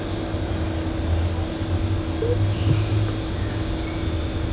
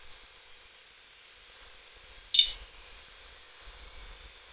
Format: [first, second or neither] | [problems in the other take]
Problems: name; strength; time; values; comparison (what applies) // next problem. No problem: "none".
first | noise reduction (neural separator model SepFormer WHAM!)